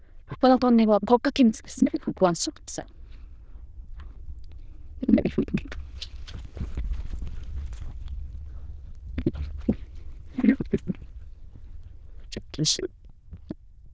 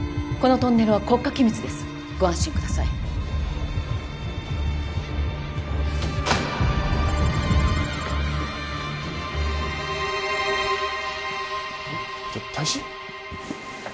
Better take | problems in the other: second | noise reduction (neural diffusion model UNIVERSE++)

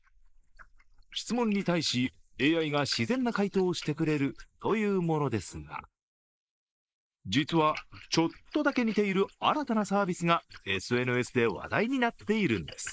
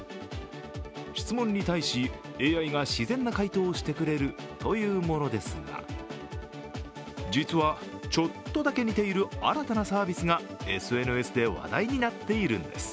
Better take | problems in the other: second | noise reduction (neural mask model Resemble Enhance denoiser)

